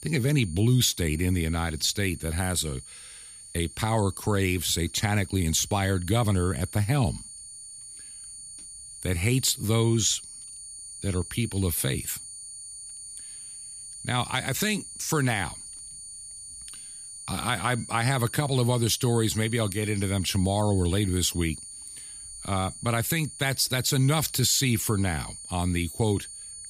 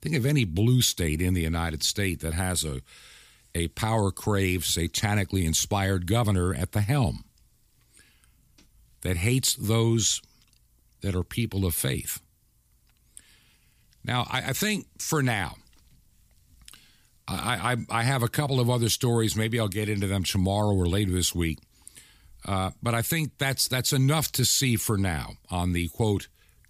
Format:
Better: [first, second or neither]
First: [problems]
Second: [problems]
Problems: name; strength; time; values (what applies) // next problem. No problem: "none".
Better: second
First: high-pitched whine; noticeable; throughout; 9 kHz, 15 dB below the speech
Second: none